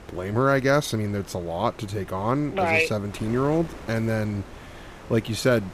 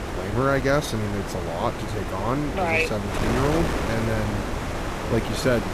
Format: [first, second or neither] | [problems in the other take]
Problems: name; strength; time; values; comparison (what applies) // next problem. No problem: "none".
first | wind noise on the microphone; heavy; 4 dB below the speech; occasional gusts in the first